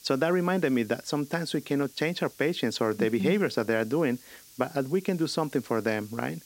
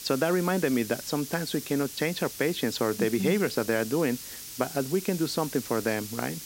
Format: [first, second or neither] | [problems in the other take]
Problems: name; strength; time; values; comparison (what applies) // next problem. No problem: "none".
first | hiss; loud; throughout; 10 dB below the speech; faint in the first